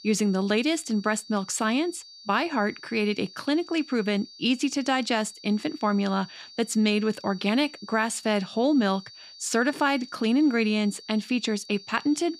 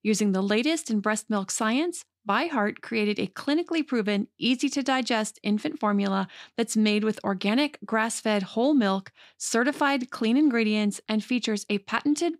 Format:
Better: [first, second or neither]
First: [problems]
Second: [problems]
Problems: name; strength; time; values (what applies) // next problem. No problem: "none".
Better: second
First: high-pitched whine; noticeable; throughout; 4.5 kHz, 20 dB below the speech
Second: none